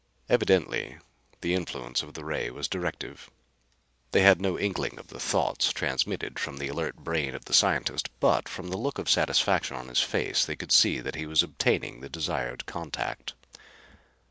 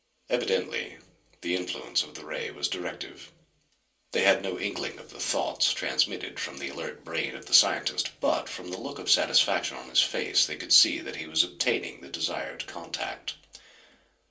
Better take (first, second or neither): first